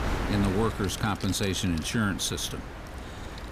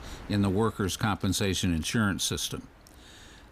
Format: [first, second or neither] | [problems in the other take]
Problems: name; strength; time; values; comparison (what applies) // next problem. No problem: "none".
second | wind noise on the microphone; heavy; 8 dB below the speech; occasional gusts in the second